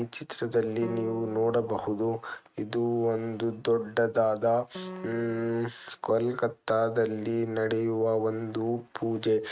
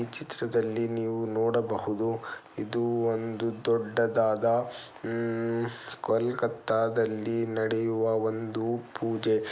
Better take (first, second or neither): second